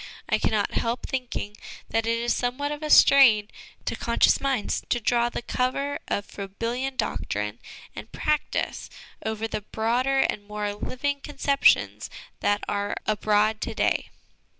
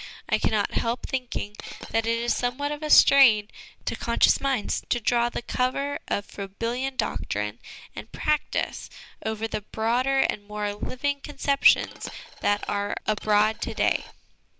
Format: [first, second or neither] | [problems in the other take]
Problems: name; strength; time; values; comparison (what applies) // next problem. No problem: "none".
first | background sound (Coin (dropping)); 16 dB below the speech